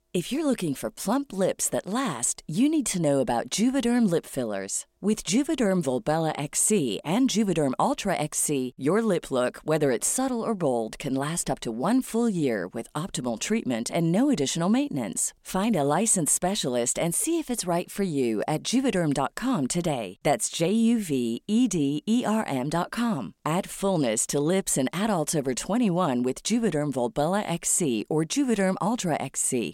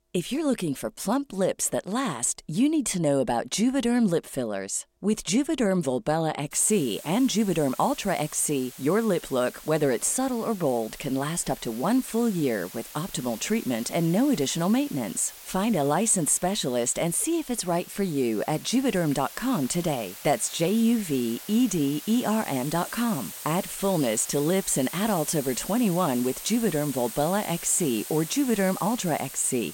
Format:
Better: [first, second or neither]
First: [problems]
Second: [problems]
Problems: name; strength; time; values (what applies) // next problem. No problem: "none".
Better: first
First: none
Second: hiss; noticeable; from 6.5 s on; 15 dB below the speech